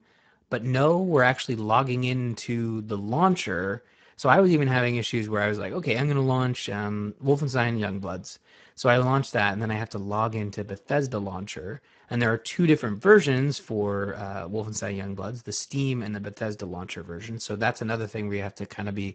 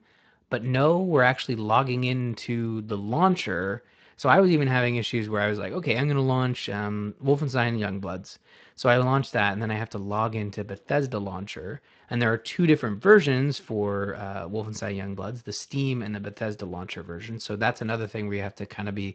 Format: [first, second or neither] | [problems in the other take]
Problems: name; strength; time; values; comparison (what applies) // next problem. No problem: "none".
second | garbled, watery; badly; nothing above 7.5 kHz; slightly in the second